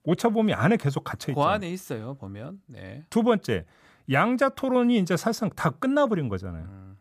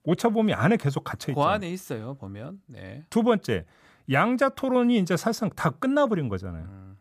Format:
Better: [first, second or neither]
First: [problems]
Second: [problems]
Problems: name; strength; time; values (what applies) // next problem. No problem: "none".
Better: neither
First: none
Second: none